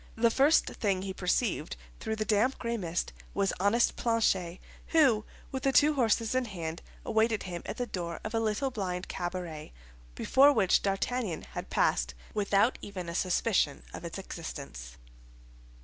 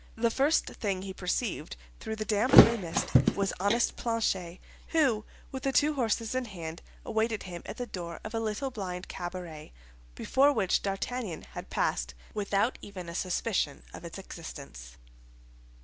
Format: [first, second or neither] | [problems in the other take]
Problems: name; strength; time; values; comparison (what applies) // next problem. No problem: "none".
first | background sound (Thump, thud); 5 dB above the speech